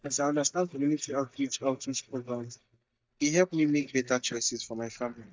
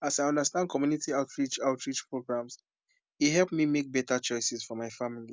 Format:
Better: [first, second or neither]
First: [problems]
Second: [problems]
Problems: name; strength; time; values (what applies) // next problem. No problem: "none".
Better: second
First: noise reduction (neural mask model DeepFilterNet 3)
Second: none